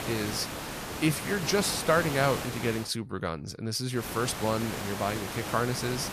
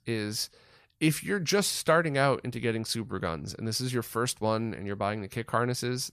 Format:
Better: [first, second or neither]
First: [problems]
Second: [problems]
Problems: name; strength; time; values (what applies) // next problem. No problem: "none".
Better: second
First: hiss; loud; until 3 s and from 4 s on; 6 dB below the speech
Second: none